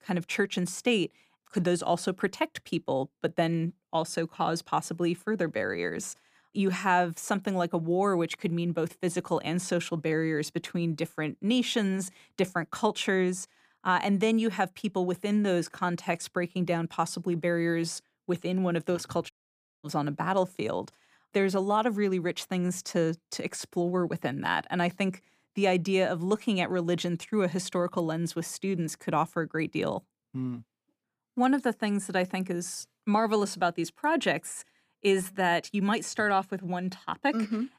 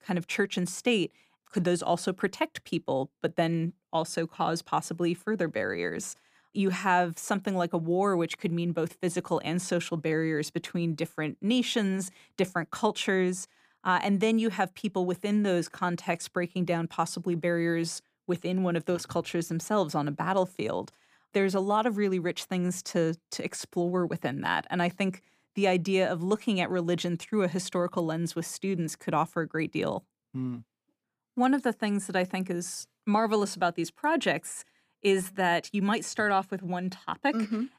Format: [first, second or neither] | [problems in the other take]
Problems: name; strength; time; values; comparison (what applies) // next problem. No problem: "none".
second | audio cutting out; at 19 s for 0.5 s